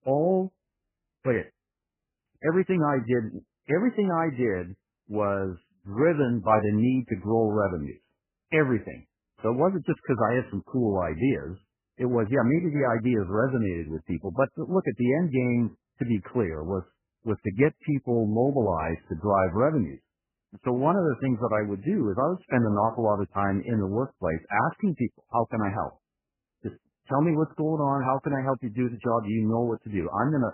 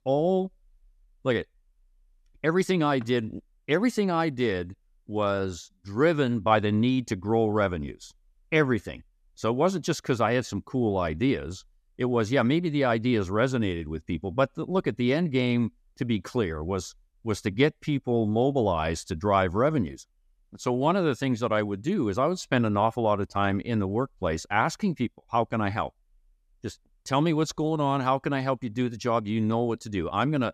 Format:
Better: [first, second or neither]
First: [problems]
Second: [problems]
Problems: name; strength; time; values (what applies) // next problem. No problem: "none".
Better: second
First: garbled, watery; badly; nothing above 2.5 kHz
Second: none